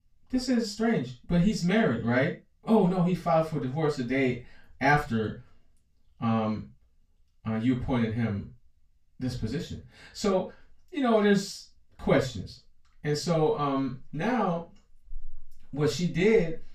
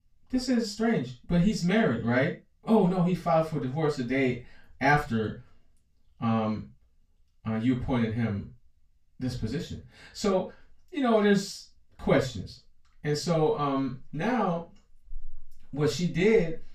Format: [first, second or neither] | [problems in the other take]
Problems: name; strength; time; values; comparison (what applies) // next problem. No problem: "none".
neither | room echo; noticeable; dies away in 0.2 s; the same in both // off-mic speech; far; the same in both